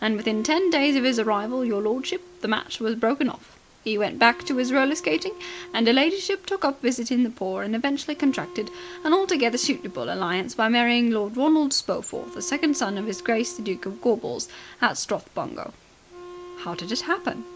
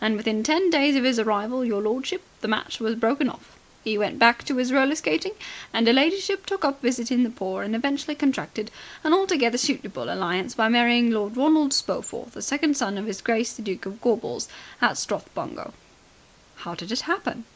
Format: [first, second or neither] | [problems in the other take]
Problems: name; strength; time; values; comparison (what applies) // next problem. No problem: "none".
second | background sound (Wind instrument, woodwind instrument); 19 dB below the speech